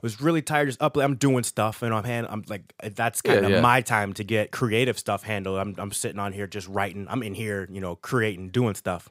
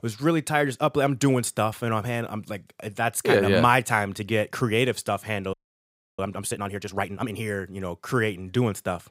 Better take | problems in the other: first | audio freezing; at 5.5 s for 0.5 s

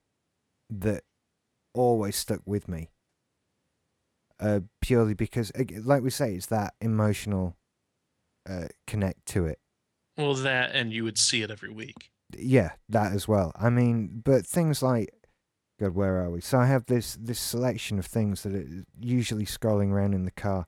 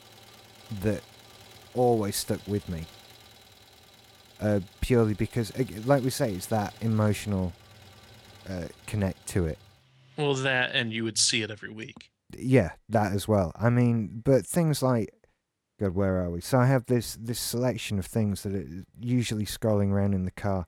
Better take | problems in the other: first | traffic noise; faint; until 11 s; 25 dB below the speech

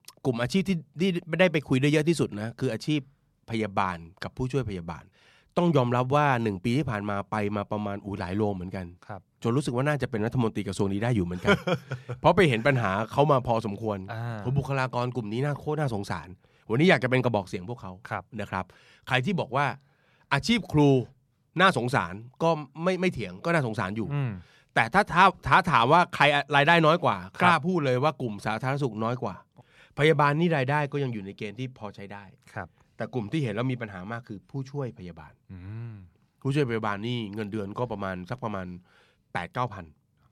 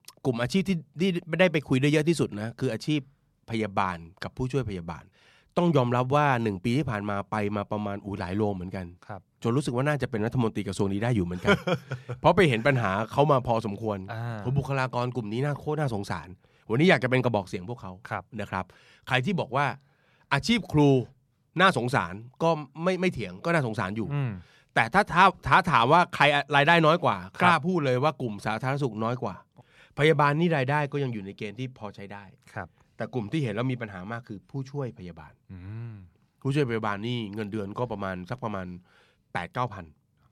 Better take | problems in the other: neither | none

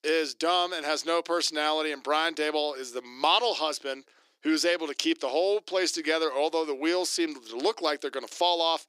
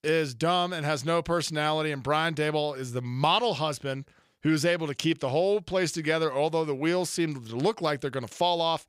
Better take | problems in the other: second | thin; somewhat; fading below 300 Hz

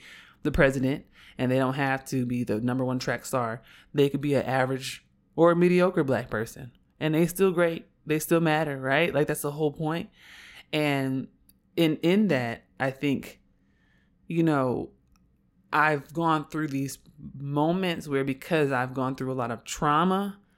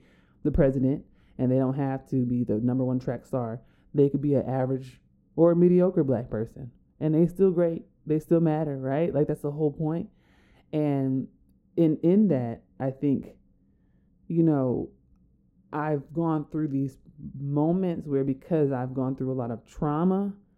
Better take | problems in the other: first | muffled; very; fading above 1 kHz

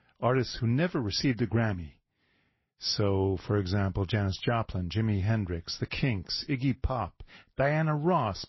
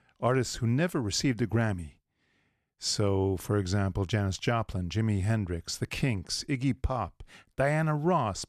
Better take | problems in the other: second | garbled, watery; slightly; nothing above 5.5 kHz

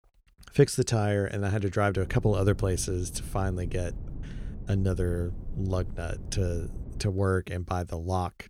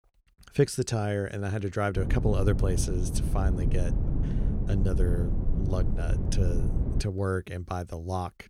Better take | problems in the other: first | wind noise on the microphone; heavy; from 2 to 7 s; 8 dB below the speech; occasional gusts in the first

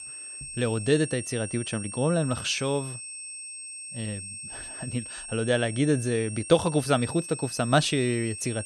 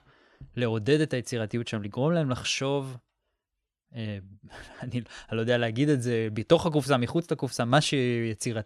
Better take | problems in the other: second | high-pitched whine; loud; throughout; 8.5 kHz, 9 dB below the speech

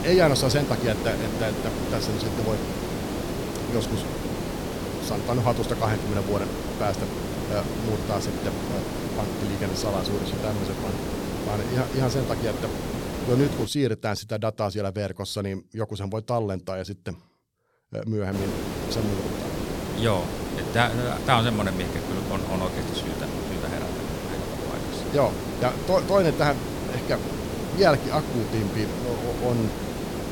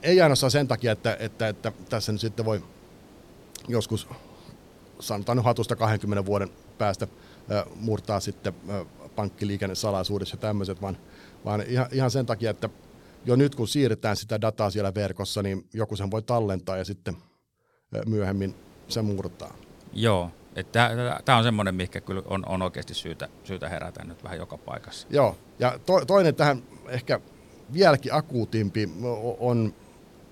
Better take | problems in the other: second | hiss; loud; until 14 s and from 18 s on; 3 dB below the speech; faint in the second

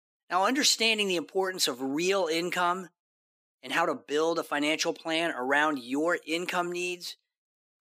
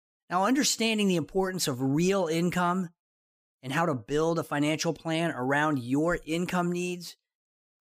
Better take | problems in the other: second | thin; somewhat; fading below 300 Hz

